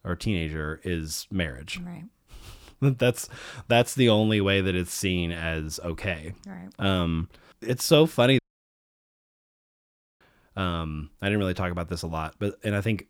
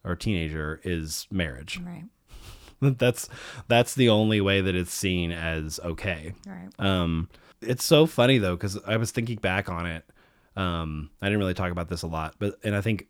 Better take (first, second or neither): second